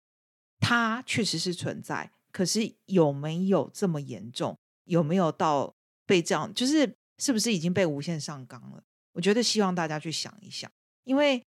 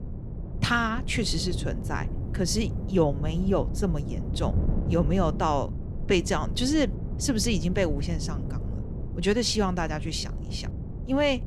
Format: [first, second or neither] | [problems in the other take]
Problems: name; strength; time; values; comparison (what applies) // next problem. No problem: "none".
first | wind noise on the microphone; occasional gusts; 15 dB below the speech